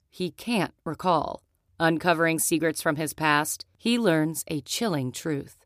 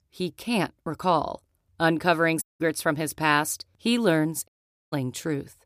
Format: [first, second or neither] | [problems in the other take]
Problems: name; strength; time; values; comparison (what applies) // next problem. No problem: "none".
first | audio cutting out; at 2.5 s and at 4.5 s